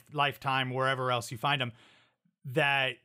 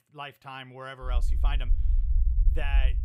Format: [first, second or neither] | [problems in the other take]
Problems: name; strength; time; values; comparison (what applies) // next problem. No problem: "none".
first | low rumble; noticeable; from 1 s on; 10 dB below the speech